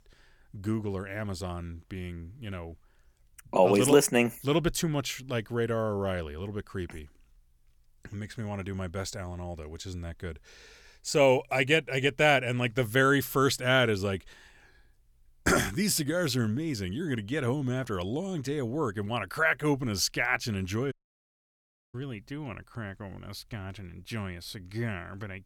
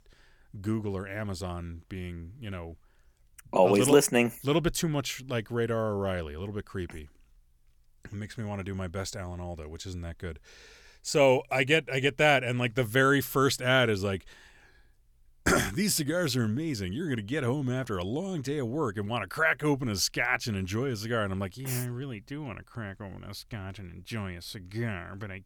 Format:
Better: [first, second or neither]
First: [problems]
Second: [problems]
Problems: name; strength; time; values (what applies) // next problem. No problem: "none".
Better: second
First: audio cutting out; at 21 s for 1 s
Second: none